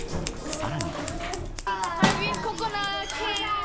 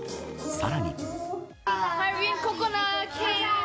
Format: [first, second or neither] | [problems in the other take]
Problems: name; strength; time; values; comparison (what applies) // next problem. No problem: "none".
second | background sound (Scissors); 1 dB below the speech